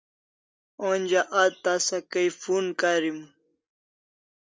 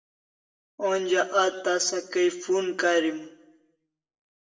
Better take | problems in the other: first | room echo; dies away in 0.7 s

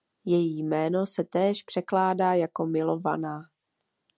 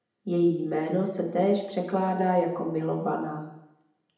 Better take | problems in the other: first | room echo; dies away in 0.8 s

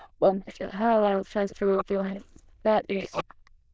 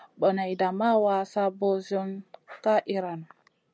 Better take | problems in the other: second | noise reduction (neural diffusion model UNIVERSE++)

